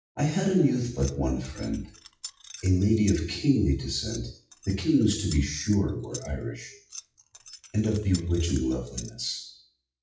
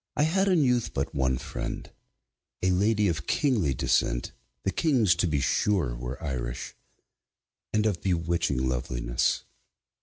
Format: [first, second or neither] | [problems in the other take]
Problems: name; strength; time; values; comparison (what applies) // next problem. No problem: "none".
second | noise reduction (classical method WPE with log-MMSE)